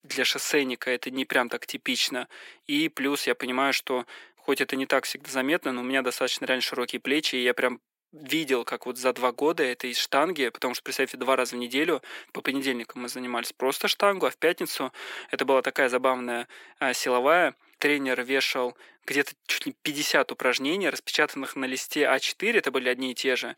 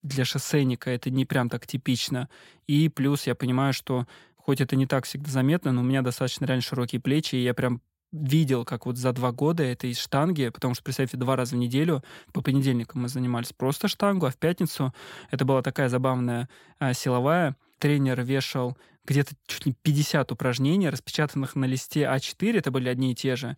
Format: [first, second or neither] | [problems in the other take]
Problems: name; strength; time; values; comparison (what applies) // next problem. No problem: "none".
second | thin; somewhat; fading below 300 Hz